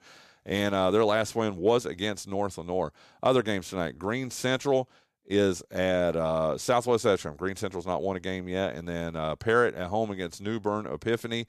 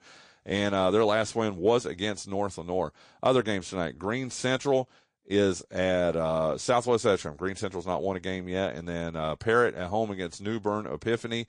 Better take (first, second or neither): first